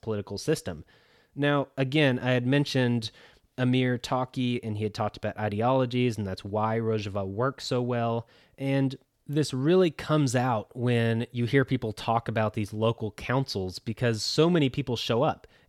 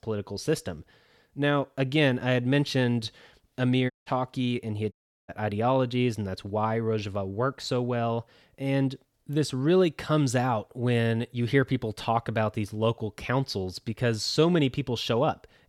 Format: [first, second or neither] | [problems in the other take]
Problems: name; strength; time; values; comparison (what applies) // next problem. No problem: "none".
first | audio cutting out; at 4 s and at 5 s